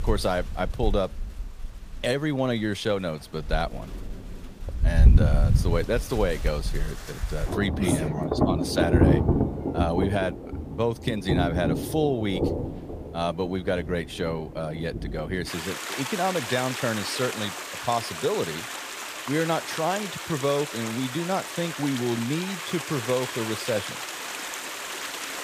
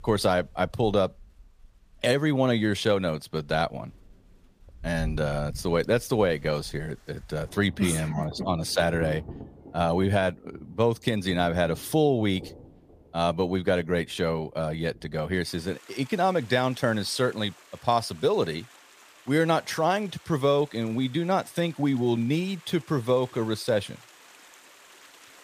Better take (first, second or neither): second